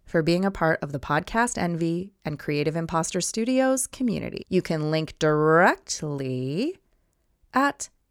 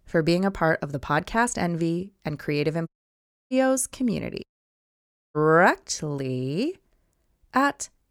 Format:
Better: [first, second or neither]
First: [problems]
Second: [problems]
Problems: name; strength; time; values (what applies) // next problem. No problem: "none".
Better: first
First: none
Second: audio cutting out; at 3 s for 0.5 s and at 4.5 s for 1 s